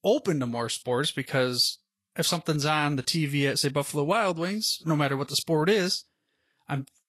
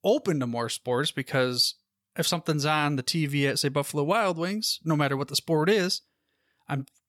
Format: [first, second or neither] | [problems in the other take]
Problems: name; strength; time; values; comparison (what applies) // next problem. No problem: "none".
second | garbled, watery; slightly; nothing above 12.5 kHz